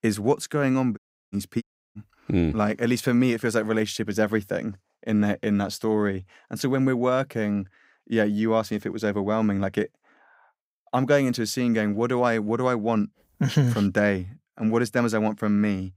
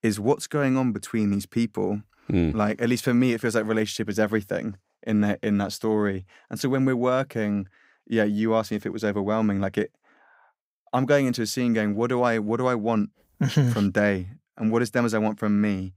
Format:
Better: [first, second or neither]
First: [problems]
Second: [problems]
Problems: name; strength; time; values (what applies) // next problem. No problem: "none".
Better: second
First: audio cutting out; at 1 s and at 1.5 s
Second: none